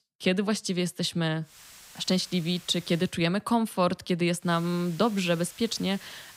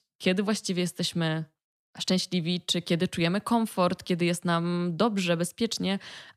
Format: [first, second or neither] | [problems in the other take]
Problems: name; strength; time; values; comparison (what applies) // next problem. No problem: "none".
second | hiss; faint; from 1.5 to 3 s and from 4.5 s on; 20 dB below the speech